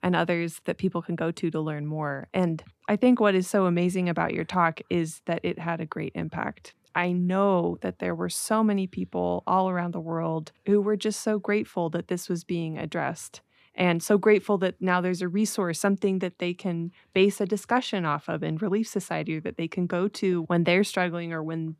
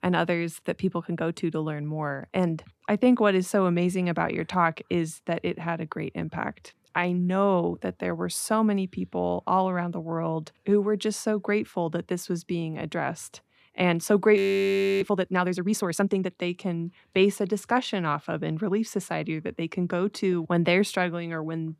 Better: first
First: none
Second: audio freezing; at 14 s for 0.5 s

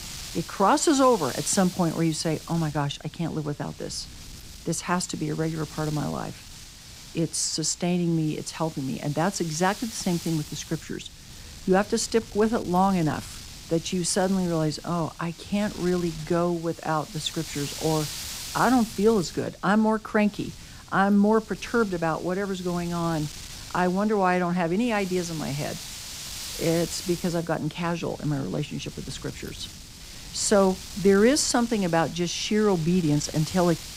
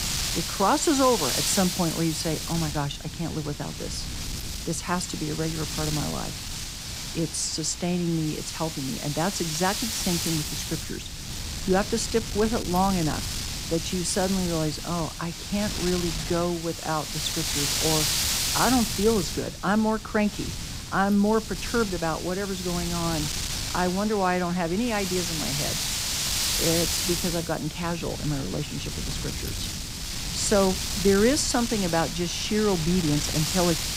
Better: first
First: wind noise on the microphone; occasional gusts; 15 dB below the speech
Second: wind noise on the microphone; heavy; 2 dB below the speech

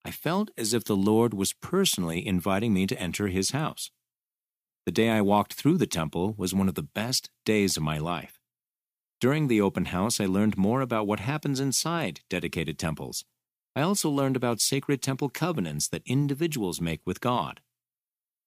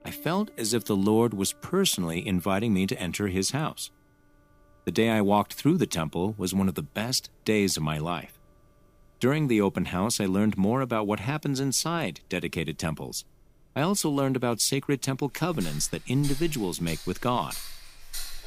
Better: first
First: none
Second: background music; noticeable; throughout; 15 dB below the speech

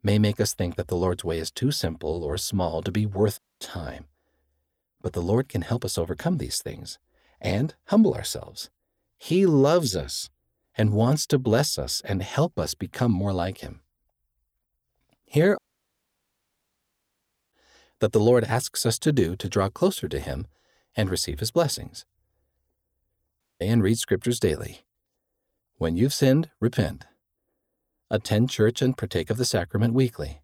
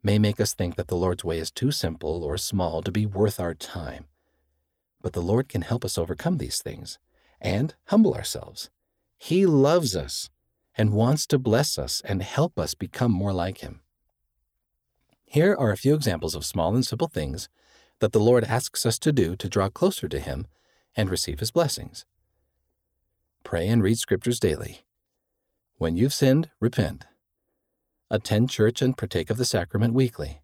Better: second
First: audio cutting out; at 3.5 s, at 16 s for 2 s and at 23 s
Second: none

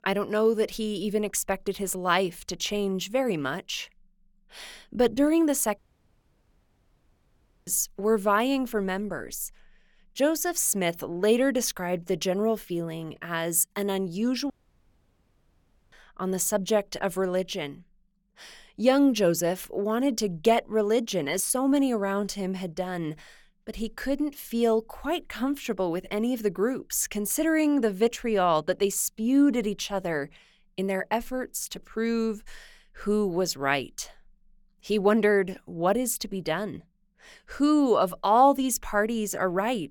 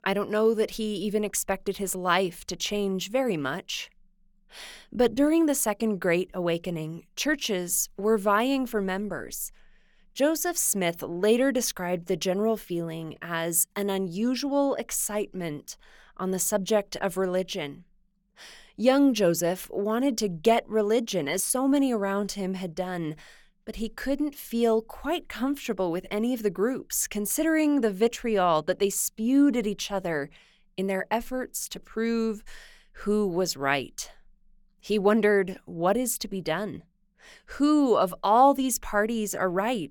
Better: second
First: audio cutting out; at 6 s for 2 s and at 15 s for 1.5 s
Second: none

